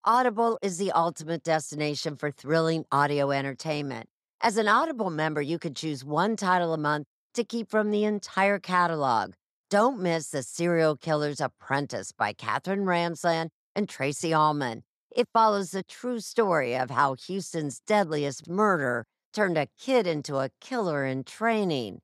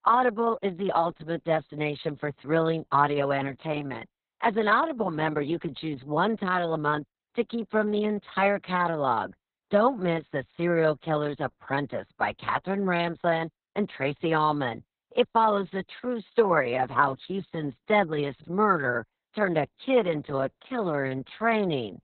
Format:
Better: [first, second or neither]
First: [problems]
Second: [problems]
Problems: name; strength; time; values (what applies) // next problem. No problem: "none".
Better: first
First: none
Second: garbled, watery; badly; nothing above 4 kHz